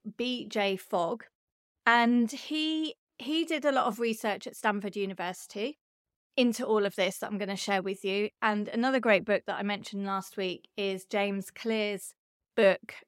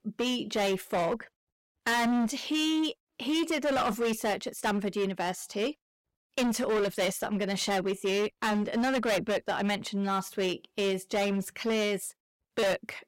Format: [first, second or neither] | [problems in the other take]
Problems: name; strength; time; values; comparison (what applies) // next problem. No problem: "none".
first | distortion; heavy; 17% of the sound clipped